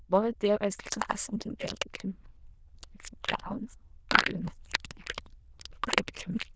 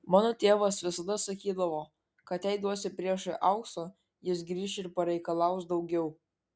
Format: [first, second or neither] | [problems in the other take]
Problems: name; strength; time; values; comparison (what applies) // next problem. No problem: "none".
second | noise reduction (neural diffusion model UNIVERSE++)